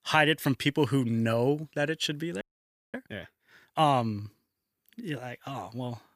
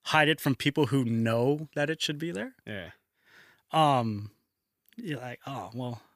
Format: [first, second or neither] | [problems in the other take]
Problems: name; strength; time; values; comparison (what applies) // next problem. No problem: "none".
second | audio freezing; at 2.5 s for 0.5 s